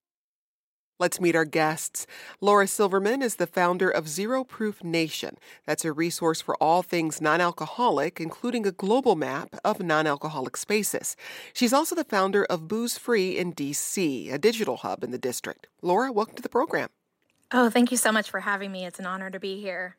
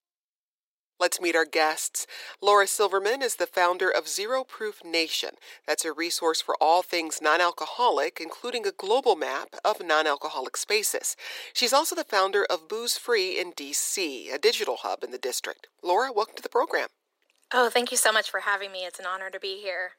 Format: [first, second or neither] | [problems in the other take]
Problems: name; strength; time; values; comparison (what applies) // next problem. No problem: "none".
first | thin; very; fading below 400 Hz